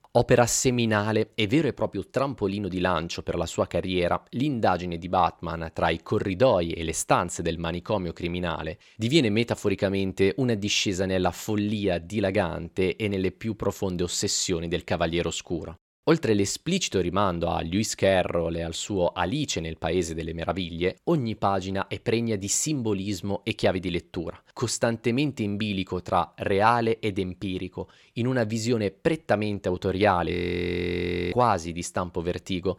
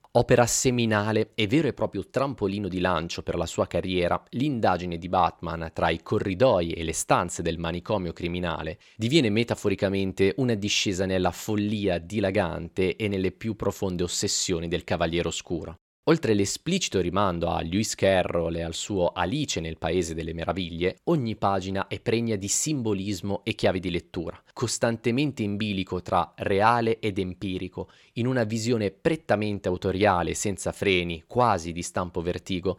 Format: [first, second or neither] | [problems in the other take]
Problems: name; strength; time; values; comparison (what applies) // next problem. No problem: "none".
second | audio freezing; at 30 s for 1 s